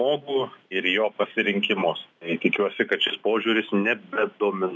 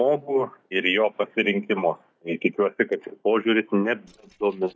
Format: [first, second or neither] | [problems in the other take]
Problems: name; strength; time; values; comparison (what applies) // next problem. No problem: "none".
first | noise reduction (neural mask model DeepFilterNet 3)